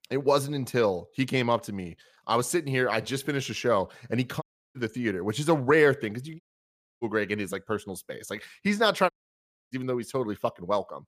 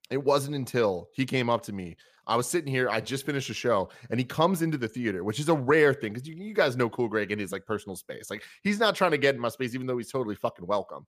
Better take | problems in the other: second | audio cutting out; at 4.5 s, at 6.5 s for 0.5 s and at 9 s for 0.5 s

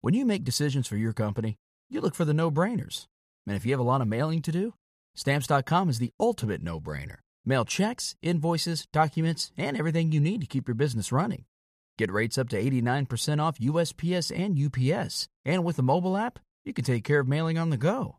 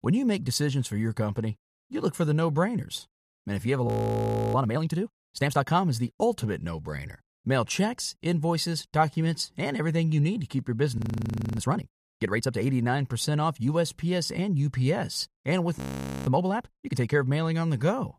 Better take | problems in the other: first | audio freezing; at 4 s for 0.5 s, at 11 s for 0.5 s and at 16 s

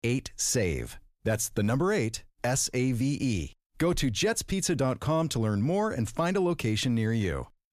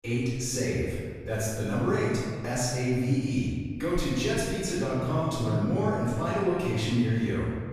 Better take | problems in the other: first | room echo; strong; dies away in 1.6 s // off-mic speech; far

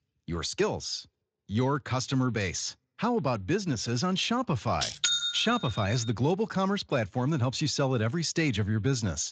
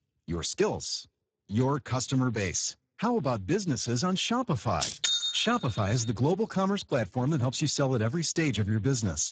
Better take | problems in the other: first | garbled, watery; badly; nothing above 7.5 kHz; slightly in the first

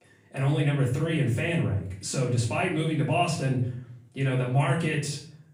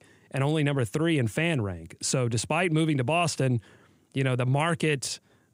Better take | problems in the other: second | off-mic speech; far // room echo; slight; dies away in 0.6 s

